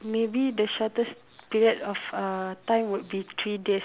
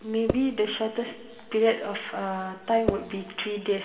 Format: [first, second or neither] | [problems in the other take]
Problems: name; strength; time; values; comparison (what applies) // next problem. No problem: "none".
first | background sound (Percussion); 4 dB below the speech // room echo; dies away in 2.1 s